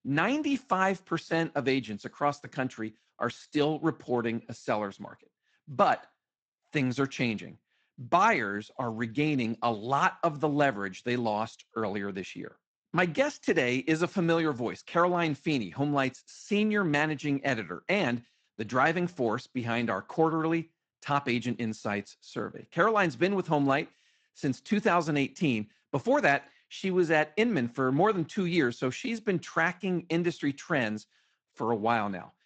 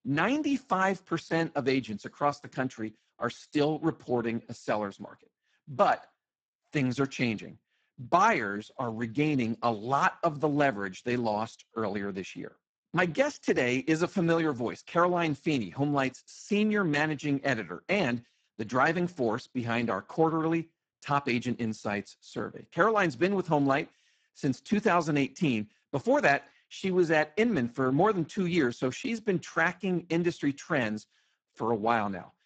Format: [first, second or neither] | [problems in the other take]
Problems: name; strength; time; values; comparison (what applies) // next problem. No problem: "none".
first | garbled, watery; badly; nothing above 7.5 kHz; slightly in the first